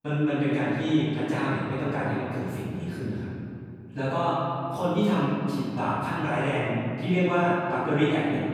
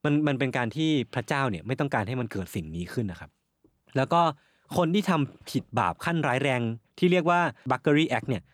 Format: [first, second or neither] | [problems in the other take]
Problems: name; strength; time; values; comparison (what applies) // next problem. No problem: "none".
second | off-mic speech; far // room echo; strong; dies away in 2.4 s